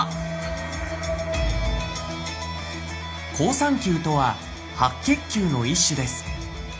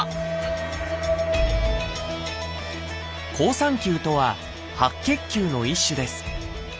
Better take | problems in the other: second | room echo; dies away in 0.4 s

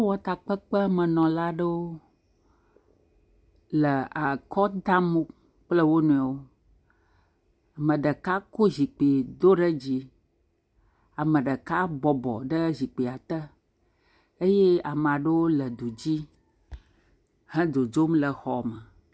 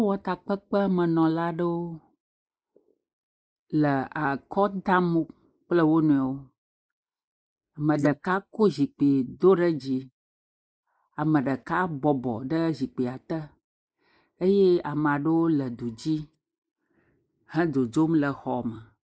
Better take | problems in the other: first | noise reduction (neural mask model Resemble Enhance denoiser)

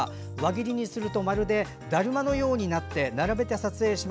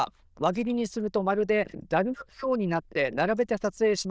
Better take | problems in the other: first | noise reduction (neural diffusion model UNIVERSE++)

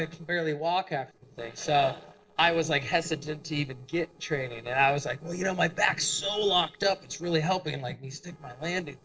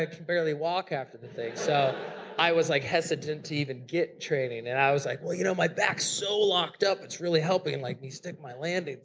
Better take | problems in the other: second | noise reduction (neural separator model SepFormer DNS4)

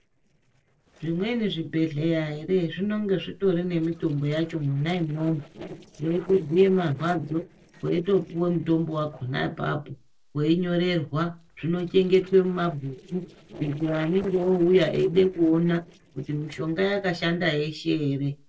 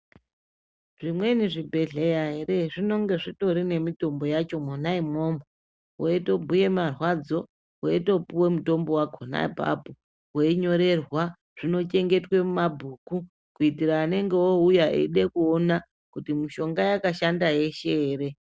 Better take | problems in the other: second | noise reduction (neural separator model SepFormer DNS4)

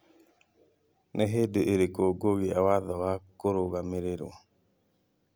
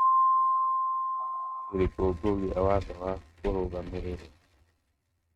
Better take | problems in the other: first | noise reduction (neural mask model RNNoise)

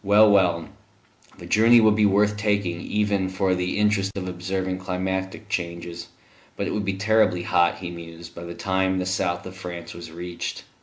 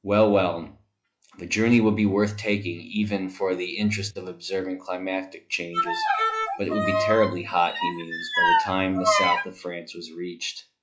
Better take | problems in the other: first | noise reduction (classical method log-MMSE)

